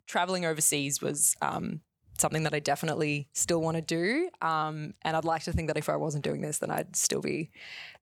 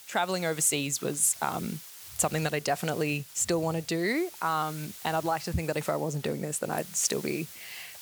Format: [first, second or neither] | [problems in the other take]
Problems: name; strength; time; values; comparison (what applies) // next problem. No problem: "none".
first | hiss; noticeable; throughout; 15 dB below the speech